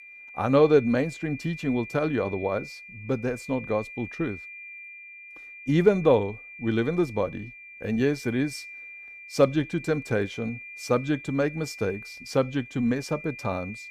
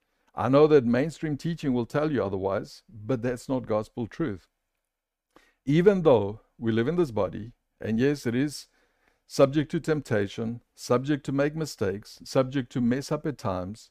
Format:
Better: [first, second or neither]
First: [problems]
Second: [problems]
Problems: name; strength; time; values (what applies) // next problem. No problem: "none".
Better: second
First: high-pitched whine; noticeable; throughout; 2.5 kHz, 15 dB below the speech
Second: none